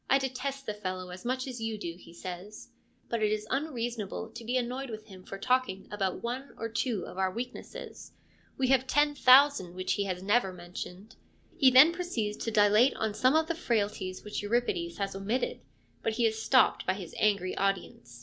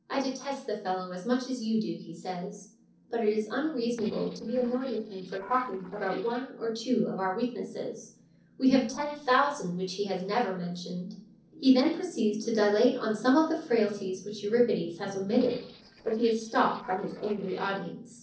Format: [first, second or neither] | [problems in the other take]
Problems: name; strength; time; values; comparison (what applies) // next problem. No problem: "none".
first | noise reduction (neural separator model SepFormer DNS4)